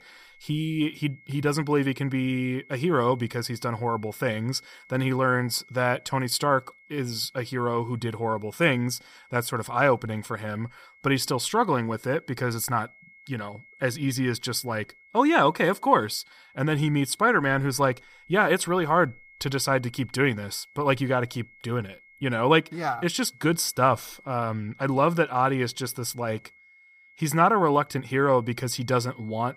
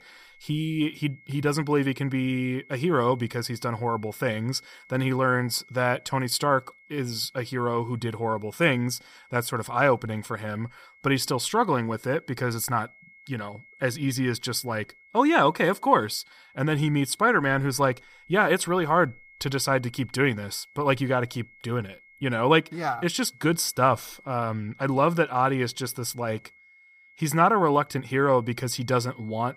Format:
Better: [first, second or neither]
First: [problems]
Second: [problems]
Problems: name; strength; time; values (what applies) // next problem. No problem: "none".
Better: neither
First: high-pitched whine; faint; throughout; 2 kHz, 25 dB below the speech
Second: high-pitched whine; faint; throughout; 2 kHz, 25 dB below the speech